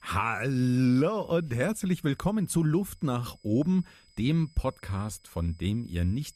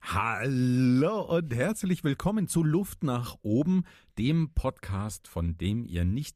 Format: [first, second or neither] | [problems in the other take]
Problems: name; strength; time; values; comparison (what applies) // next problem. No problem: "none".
second | high-pitched whine; faint; throughout; 5 kHz, 35 dB below the speech